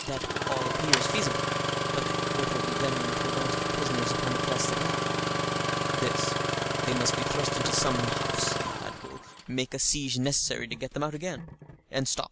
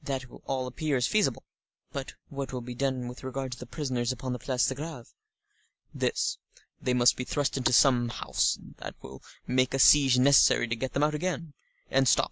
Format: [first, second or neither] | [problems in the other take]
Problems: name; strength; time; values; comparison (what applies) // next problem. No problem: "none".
second | background sound (Engine starting); 3 dB above the speech